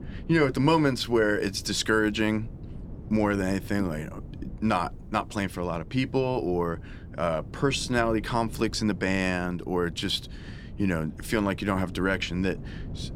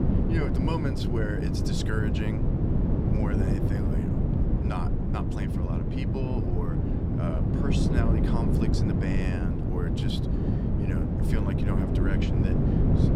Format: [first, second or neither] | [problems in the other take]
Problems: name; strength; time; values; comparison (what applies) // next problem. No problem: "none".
first | wind noise on the microphone; heavy; 2 dB above the speech; occasional gusts in the first